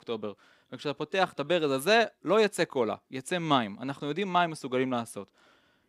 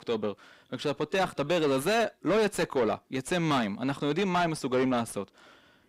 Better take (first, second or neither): first